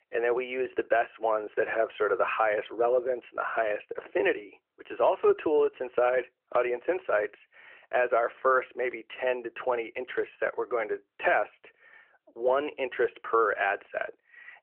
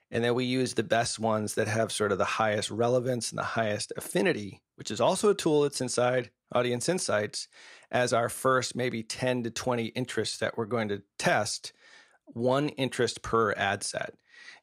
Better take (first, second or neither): second